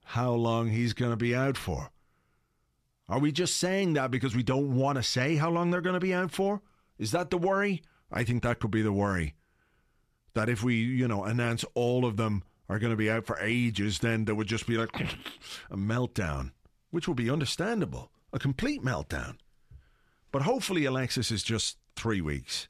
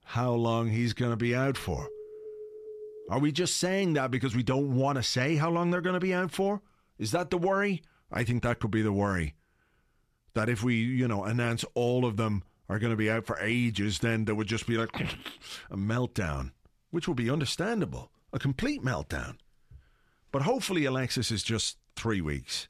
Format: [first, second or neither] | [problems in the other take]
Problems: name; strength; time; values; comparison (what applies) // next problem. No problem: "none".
first | alarm; faint; from 1.5 to 3 s; peak 15 dB below the speech